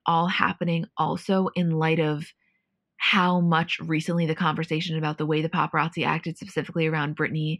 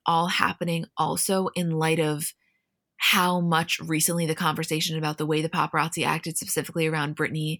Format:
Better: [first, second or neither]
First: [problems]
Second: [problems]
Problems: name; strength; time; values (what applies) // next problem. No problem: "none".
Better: second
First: muffled; slightly; fading above 2.5 kHz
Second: none